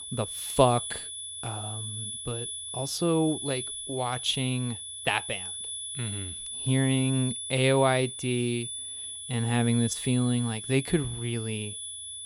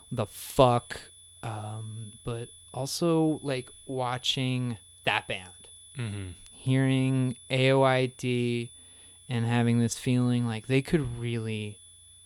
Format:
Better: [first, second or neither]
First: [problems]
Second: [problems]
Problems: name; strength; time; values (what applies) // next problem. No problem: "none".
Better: second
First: high-pitched whine; loud; throughout; 10 kHz, 6 dB below the speech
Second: high-pitched whine; faint; throughout; 10 kHz, 20 dB below the speech